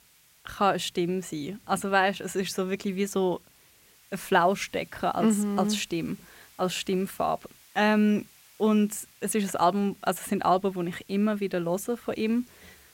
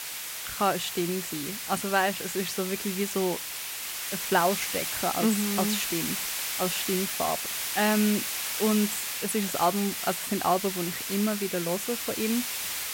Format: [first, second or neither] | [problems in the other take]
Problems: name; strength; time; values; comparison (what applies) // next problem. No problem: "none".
first | hiss; loud; throughout; 2 dB below the speech; faint in the first